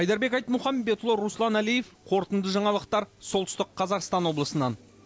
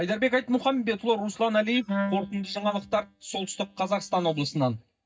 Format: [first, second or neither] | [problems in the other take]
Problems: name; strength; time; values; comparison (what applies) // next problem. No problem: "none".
first | noise reduction (neural mask model DeepFilterNet 3)